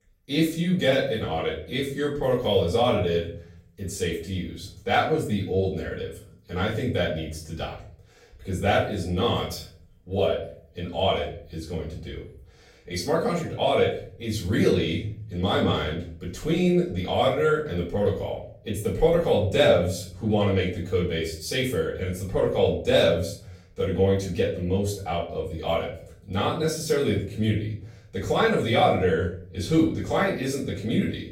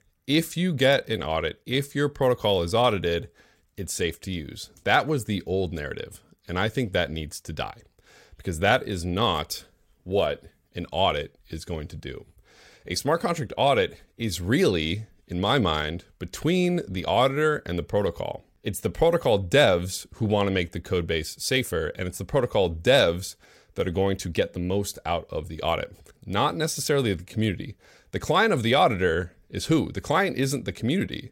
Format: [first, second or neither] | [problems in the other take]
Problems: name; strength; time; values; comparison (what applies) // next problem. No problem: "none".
second | room echo; noticeable; dies away in 0.5 s // off-mic speech; far